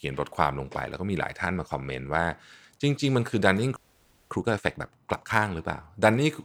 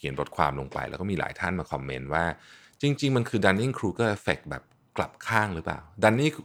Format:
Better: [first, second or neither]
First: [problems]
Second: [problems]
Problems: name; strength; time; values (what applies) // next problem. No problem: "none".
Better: second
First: audio freezing; at 4 s for 0.5 s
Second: none